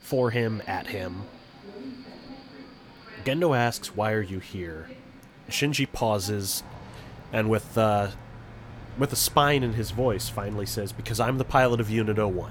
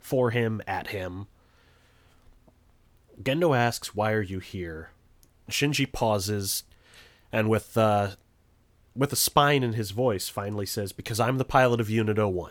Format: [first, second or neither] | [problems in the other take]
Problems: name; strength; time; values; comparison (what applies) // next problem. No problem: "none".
second | train or aircraft noise; noticeable; throughout; 15 dB below the speech